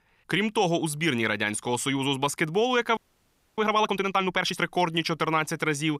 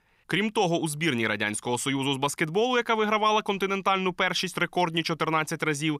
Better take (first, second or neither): second